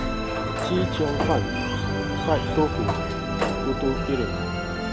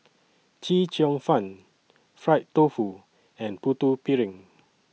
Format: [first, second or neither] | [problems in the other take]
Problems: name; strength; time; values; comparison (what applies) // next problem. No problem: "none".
second | background sound (Musical instrument + Sliding door); 3 dB above the speech